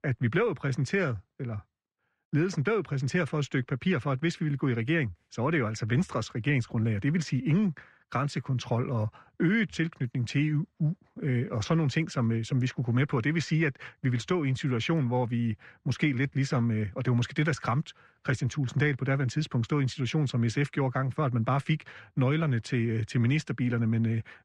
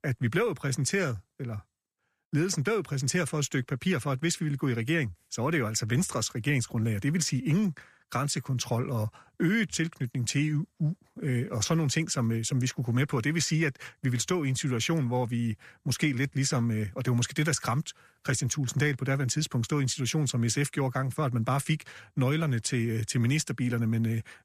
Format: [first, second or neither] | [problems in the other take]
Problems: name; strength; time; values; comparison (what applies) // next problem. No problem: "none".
second | muffled; slightly; fading above 3 kHz